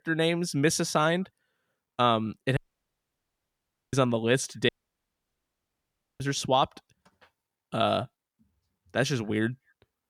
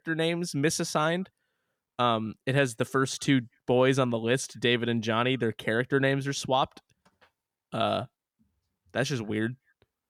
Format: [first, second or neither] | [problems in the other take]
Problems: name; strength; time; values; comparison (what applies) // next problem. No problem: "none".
second | audio cutting out; at 2.5 s for 1.5 s and at 4.5 s for 1.5 s